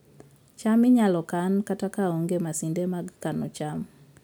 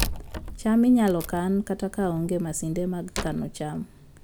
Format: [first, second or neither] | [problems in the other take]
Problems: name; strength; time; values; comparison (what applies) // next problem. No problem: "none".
first | background sound (Wood); 10 dB below the speech